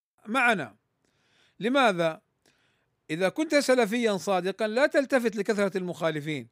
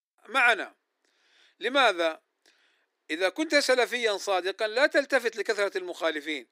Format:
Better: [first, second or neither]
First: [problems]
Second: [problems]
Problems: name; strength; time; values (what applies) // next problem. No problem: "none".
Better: first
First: none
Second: thin; somewhat; fading below 300 Hz